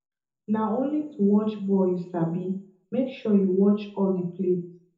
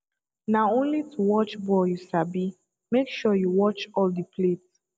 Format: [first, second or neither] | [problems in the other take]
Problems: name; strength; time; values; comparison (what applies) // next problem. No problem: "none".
second | room echo; dies away in 0.5 s